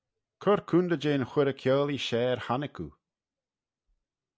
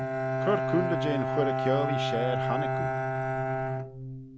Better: first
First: none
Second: background sound (Bowed string instrument); 3 dB above the speech

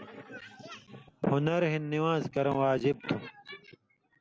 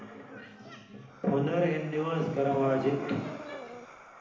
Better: first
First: none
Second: background sound (Breathing); 15 dB below the speech // room echo; dies away in 0.8 s

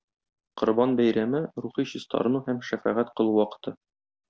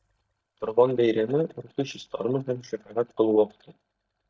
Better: first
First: none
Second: noise reduction (neural mask model DeepFilterNet 3)

